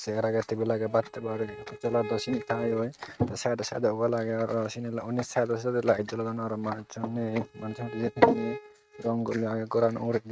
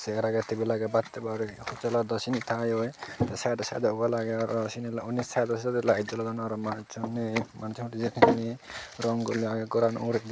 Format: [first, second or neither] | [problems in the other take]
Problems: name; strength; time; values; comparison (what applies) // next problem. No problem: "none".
second | noise reduction (neural mask model RNNoise)